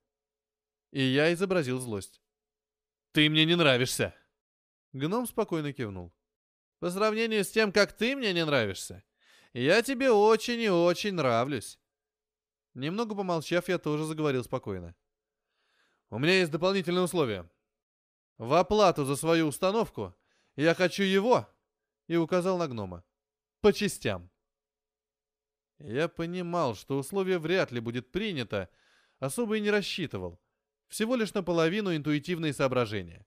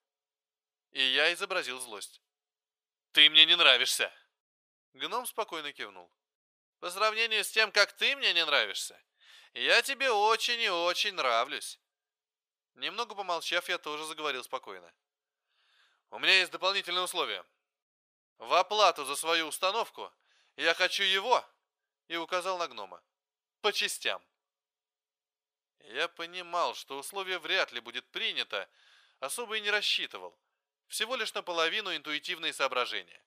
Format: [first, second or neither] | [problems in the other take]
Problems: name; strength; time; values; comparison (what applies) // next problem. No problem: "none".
first | thin; very; fading below 850 Hz